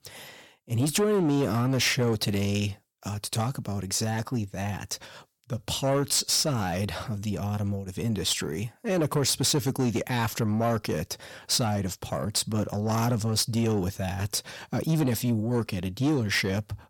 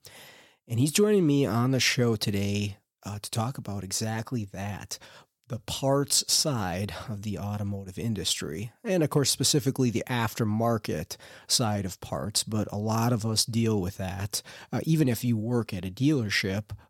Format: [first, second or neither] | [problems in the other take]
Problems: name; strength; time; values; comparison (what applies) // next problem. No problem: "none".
second | distortion; slight; 10 dB below the speech